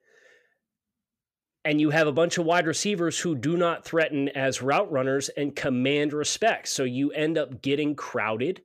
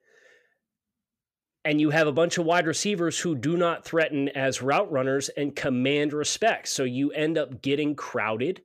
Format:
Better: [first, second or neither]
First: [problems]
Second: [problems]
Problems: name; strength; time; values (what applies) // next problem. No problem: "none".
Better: neither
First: none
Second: none